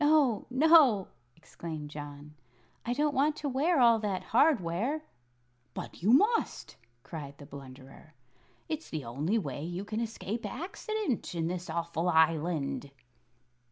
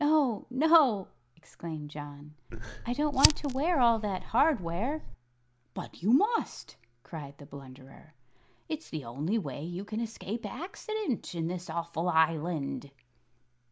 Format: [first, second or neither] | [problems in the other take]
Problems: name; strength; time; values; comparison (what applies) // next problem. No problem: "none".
first | background sound (Fire); 1 dB below the speech